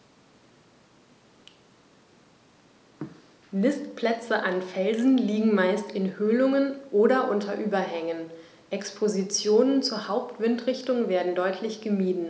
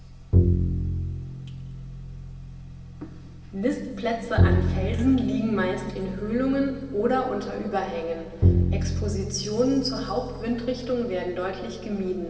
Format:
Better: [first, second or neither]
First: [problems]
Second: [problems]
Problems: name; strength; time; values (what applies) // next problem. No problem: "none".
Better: first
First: none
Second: background sound (Bowed string instrument); 1 dB above the speech // room echo; dies away in 2.3 s